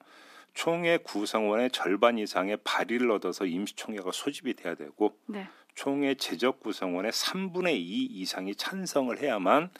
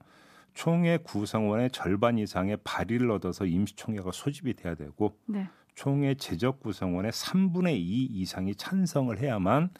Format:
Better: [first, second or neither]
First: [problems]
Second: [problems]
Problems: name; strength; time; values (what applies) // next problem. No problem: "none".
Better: second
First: thin; somewhat; fading below 250 Hz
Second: none